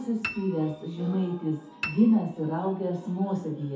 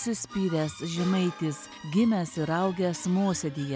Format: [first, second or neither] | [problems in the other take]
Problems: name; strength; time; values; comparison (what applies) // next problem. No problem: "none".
second | background sound (Piano); 14 dB below the speech // room echo; dies away in 0.5 s